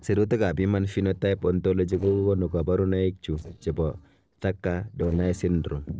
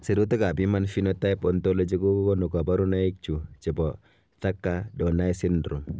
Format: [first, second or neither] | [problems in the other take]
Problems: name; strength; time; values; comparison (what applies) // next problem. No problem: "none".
second | noise reduction (neural separator model SepFormer DNS4)